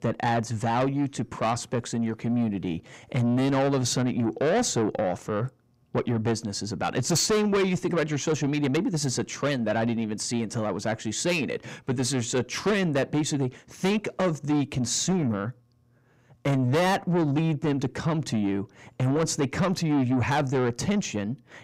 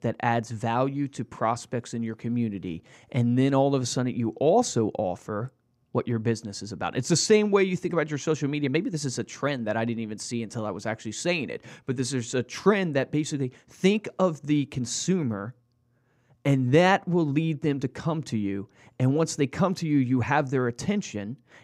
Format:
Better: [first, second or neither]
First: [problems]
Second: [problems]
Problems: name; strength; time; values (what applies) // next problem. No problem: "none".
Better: second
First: distortion; heavy; 7 dB below the speech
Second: none